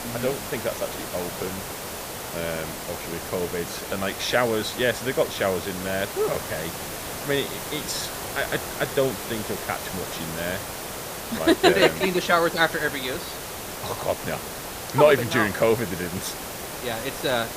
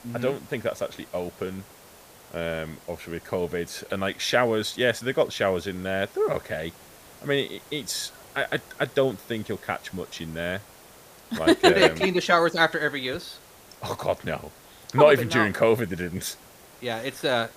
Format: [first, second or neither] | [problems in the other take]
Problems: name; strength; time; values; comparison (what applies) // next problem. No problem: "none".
second | hiss; loud; throughout; 7 dB below the speech; faint in the second